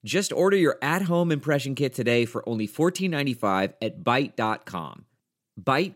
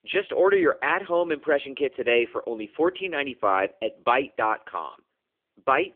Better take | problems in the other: first | phone-call audio; poor line

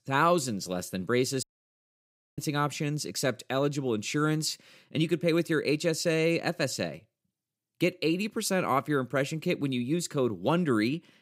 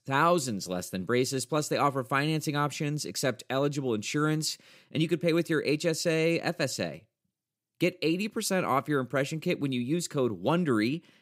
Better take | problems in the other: second | audio cutting out; at 1.5 s for 1 s

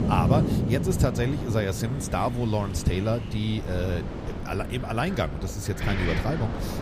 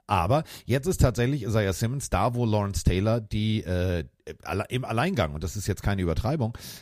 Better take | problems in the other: second | wind in the background; loud; throughout; 3 dB below the speech

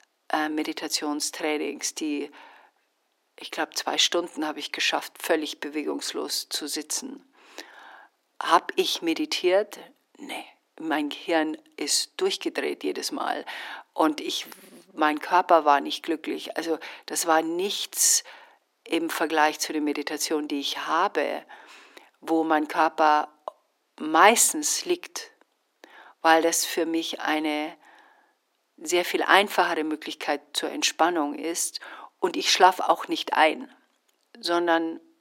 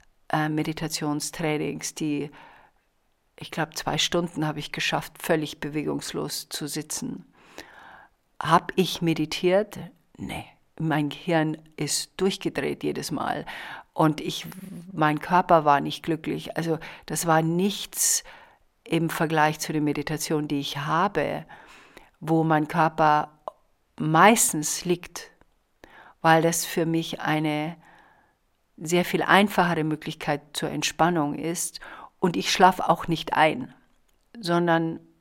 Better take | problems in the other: second | thin; somewhat; fading below 250 Hz

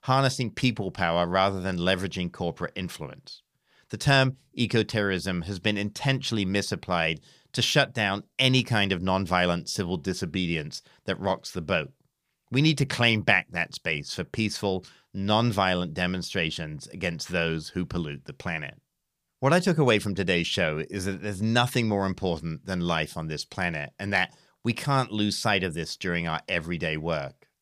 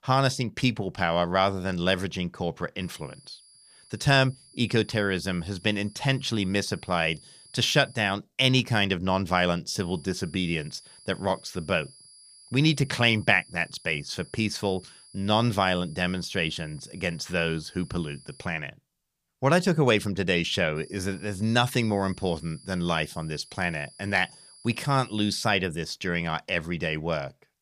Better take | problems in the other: first | high-pitched whine; faint; from 3 to 8 s, from 10 to 18 s and from 21 to 25 s; 10 kHz, 25 dB below the speech

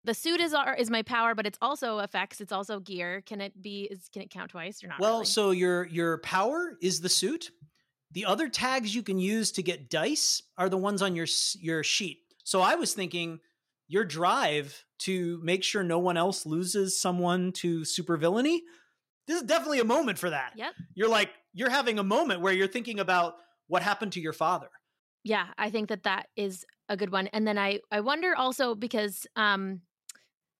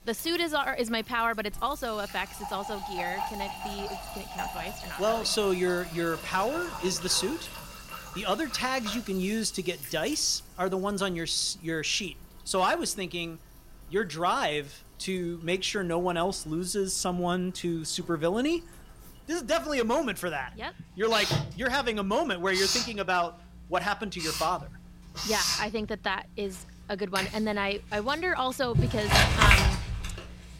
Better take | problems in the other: first | household noises; loud; throughout; 1 dB below the speech

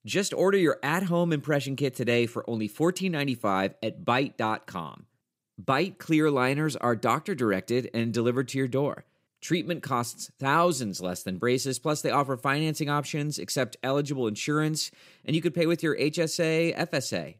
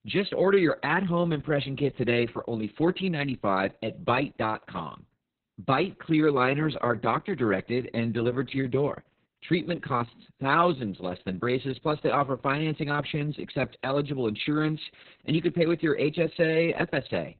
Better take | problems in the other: first | garbled, watery; badly; nothing above 4 kHz

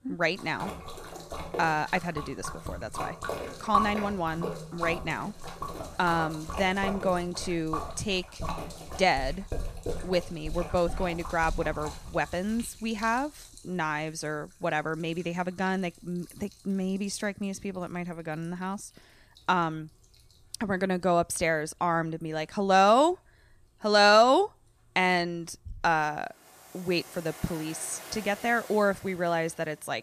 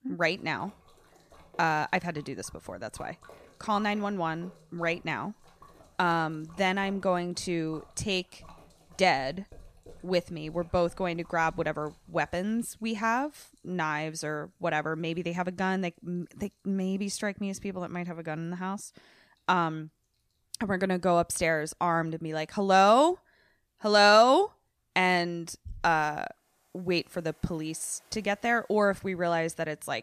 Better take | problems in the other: second | rain or running water; loud; throughout; 10 dB below the speech; faint in the second

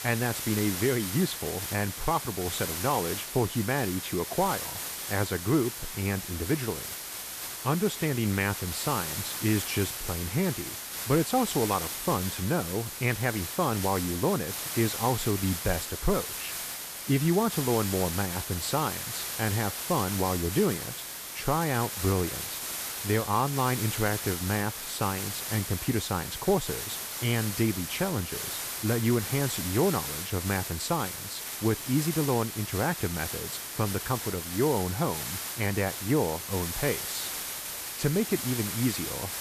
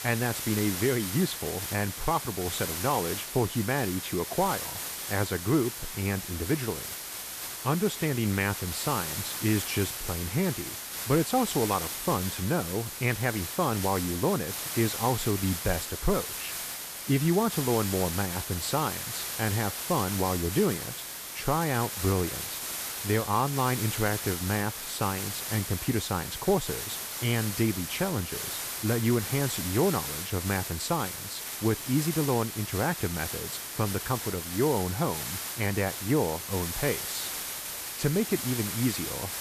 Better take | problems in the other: neither | hiss; loud; throughout; 4 dB below the speech; the same in both

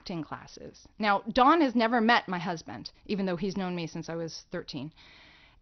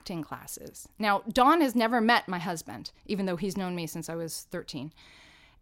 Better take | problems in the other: second | garbled, watery; slightly; nothing above 6 kHz

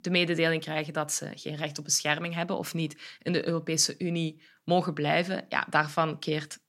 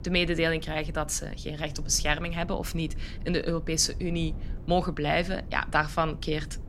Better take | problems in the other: first | low rumble; faint; throughout; 25 dB below the speech

